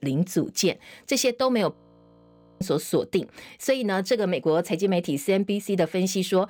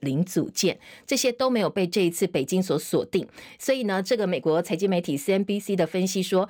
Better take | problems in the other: second | audio freezing; at 1.5 s for 1 s

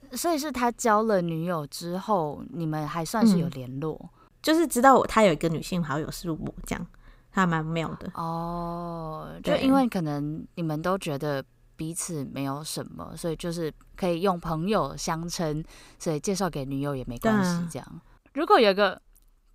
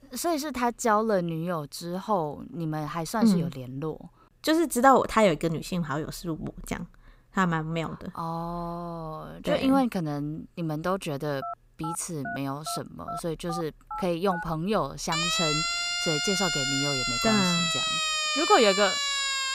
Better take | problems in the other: first | phone ringing; faint; from 11 to 14 s; peak 10 dB below the speech // siren; loud; from 15 s on; peak 3 dB above the speech

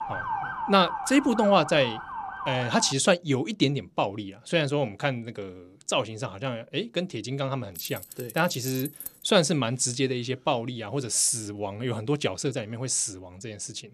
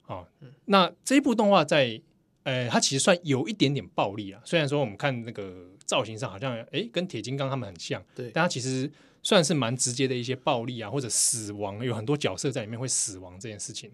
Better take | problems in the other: second | siren; noticeable; until 3 s; peak 4 dB below the speech // jangling keys; faint; from 8 to 9 s; peak 10 dB below the speech

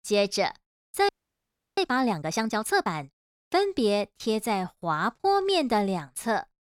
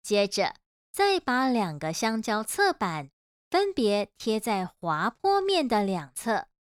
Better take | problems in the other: second | audio freezing; at 1 s for 0.5 s

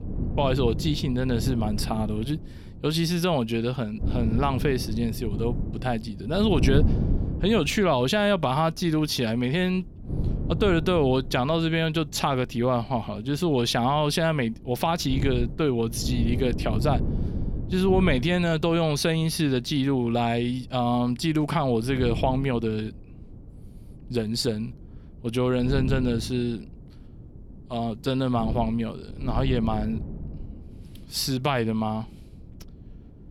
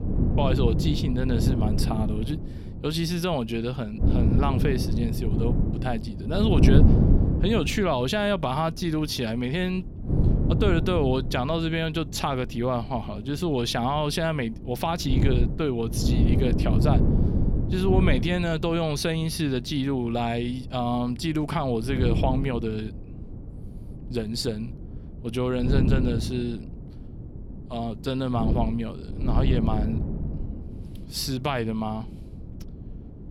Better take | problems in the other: first | wind noise on the microphone; heavy; 6 dB below the speech; occasional gusts in the first

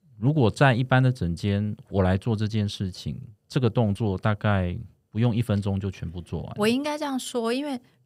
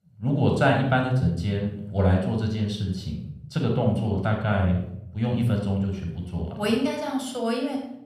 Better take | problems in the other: first | room echo; noticeable; dies away in 0.6 s // off-mic speech; somewhat distant

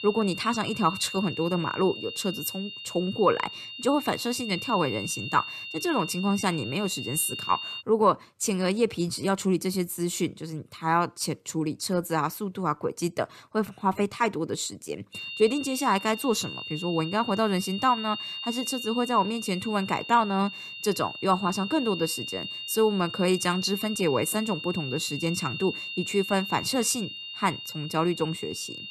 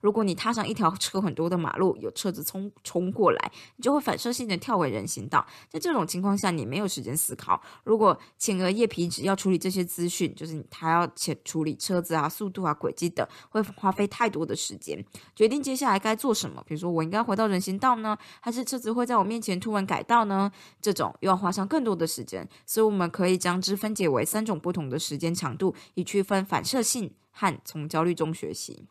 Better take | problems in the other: second | high-pitched whine; loud; until 8 s and from 15 s on; 3 kHz, 8 dB below the speech

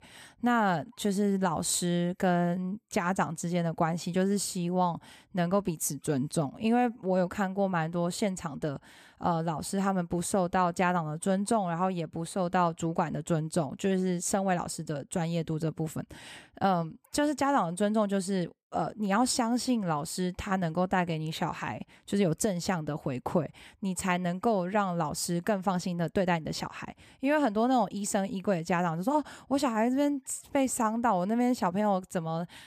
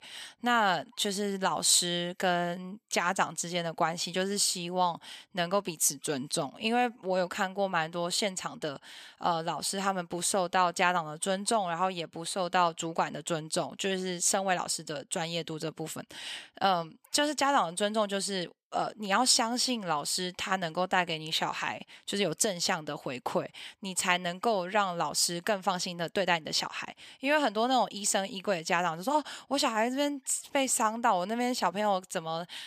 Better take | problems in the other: first | thin; very slightly; fading below 1 kHz

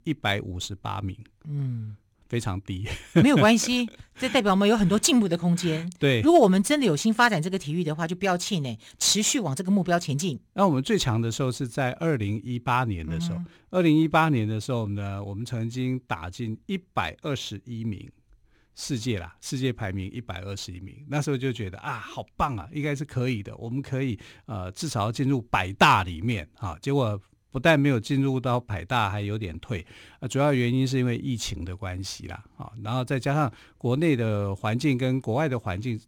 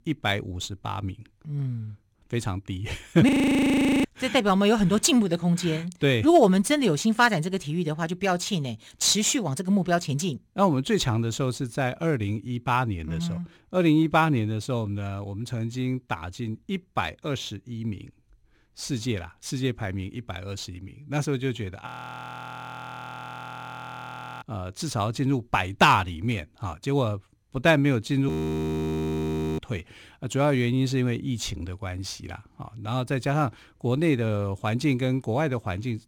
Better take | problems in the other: first | audio freezing; at 3.5 s for 1 s, at 22 s for 2.5 s and at 28 s for 1.5 s

